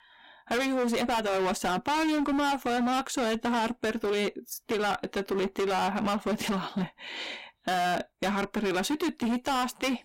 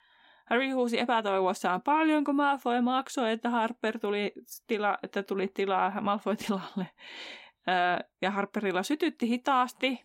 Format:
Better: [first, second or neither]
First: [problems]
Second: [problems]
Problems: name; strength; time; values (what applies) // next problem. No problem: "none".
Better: second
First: distortion; heavy; 27% of the sound clipped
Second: none